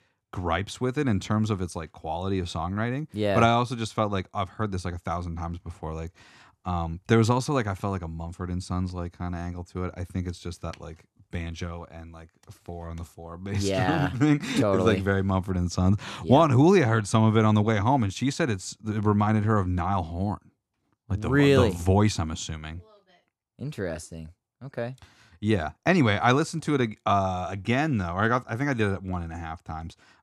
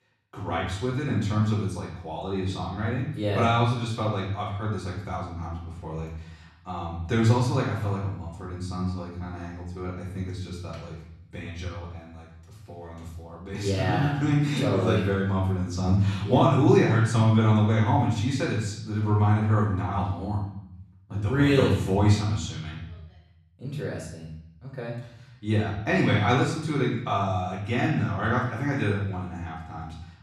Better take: first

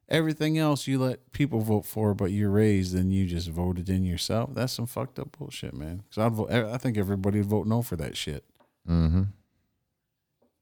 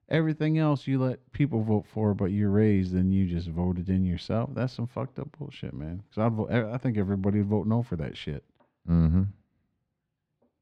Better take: first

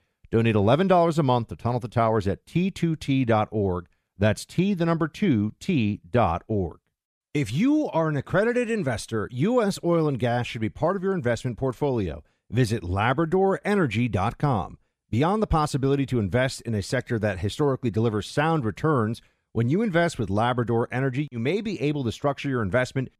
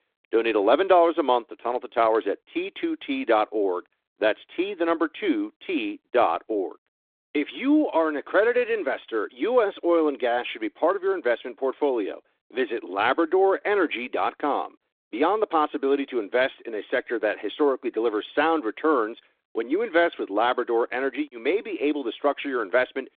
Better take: first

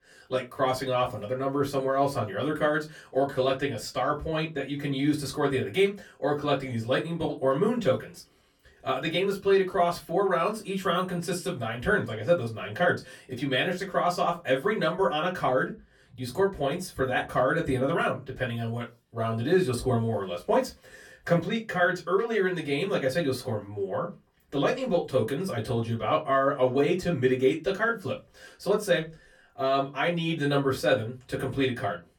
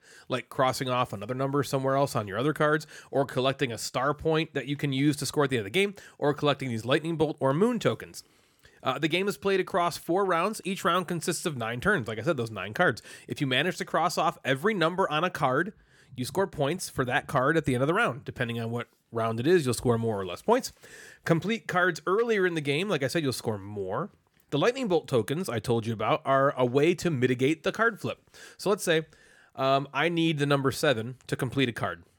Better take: second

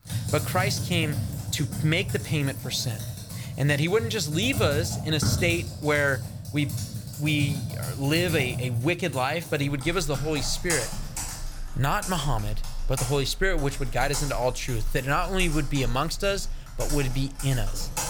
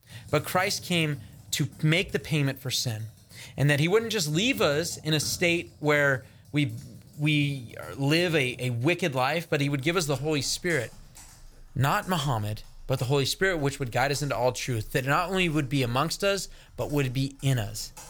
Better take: second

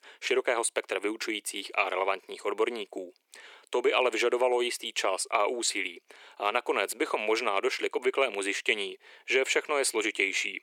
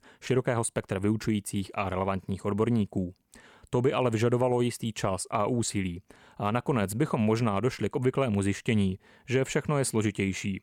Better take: second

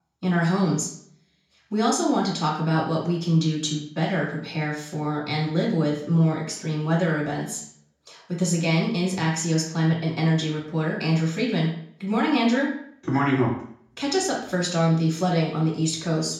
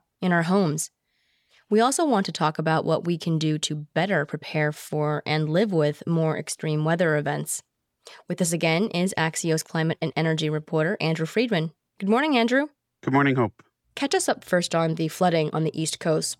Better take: second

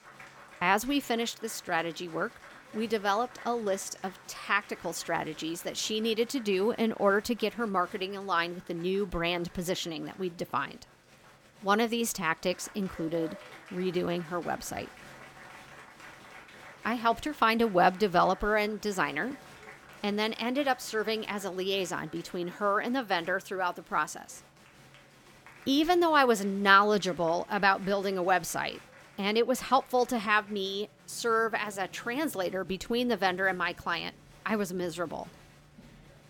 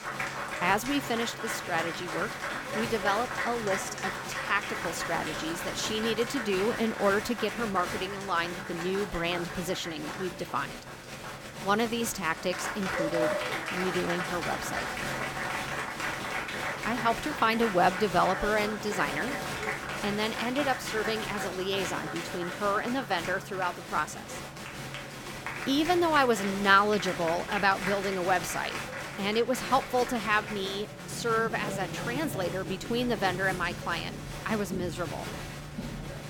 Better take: first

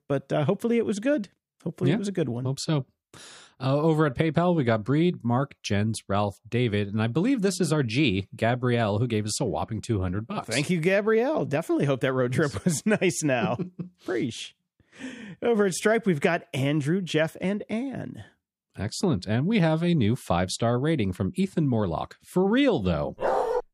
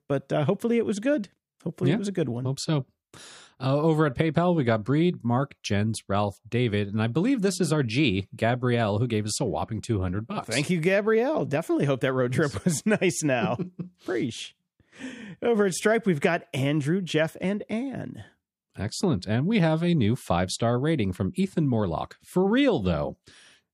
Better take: second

